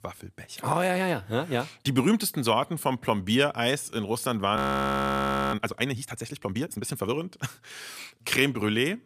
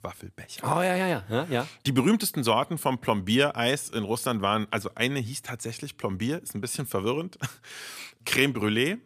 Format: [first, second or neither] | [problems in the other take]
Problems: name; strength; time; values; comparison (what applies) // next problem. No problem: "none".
second | audio freezing; at 4.5 s for 1 s